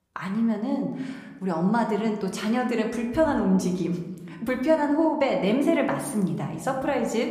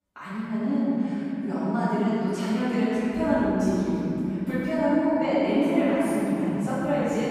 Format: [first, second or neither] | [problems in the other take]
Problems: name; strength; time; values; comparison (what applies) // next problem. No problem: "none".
first | room echo; strong; dies away in 3 s; slight in the first // off-mic speech; far